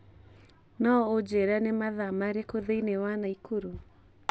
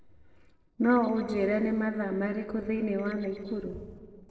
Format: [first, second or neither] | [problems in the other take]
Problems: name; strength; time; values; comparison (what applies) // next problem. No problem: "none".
first | noise reduction (neural separator model SepFormer DNS4)